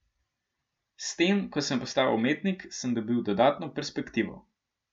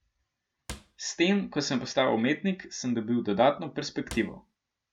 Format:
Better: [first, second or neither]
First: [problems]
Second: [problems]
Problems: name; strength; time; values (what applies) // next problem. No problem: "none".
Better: first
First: none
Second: background sound (Cupboard open or close / Drawer open or close); 17 dB below the speech